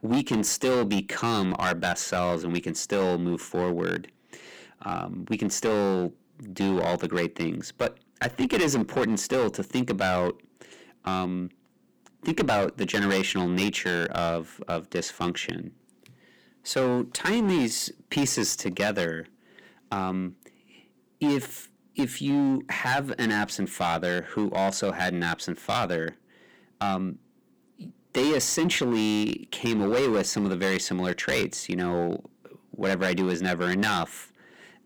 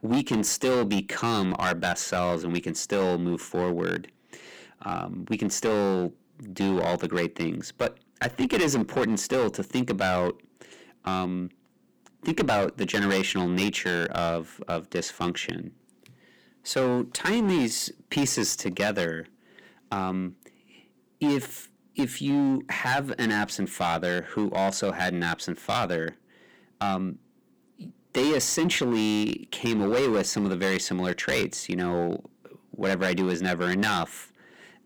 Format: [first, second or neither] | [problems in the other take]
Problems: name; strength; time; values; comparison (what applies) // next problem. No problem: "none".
neither | distortion; heavy; 9% of the sound clipped; the same in both